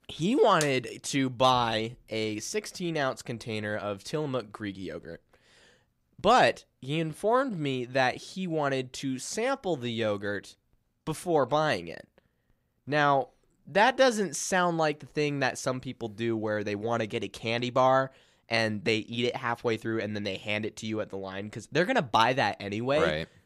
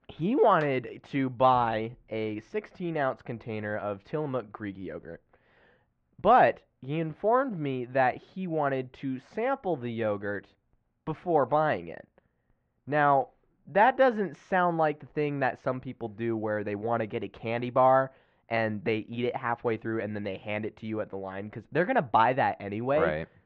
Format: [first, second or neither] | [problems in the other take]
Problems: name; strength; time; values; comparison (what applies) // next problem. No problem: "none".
first | muffled; very; fading above 2 kHz